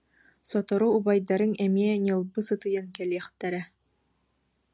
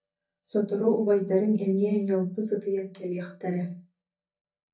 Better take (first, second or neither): first